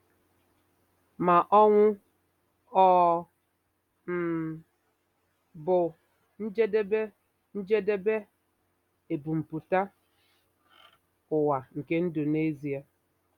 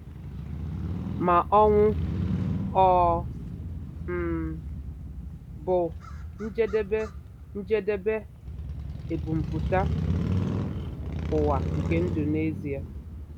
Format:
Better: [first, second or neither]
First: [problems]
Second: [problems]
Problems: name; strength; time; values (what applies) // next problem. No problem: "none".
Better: first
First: none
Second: background sound (Motorcycle / Crow); 3 dB below the speech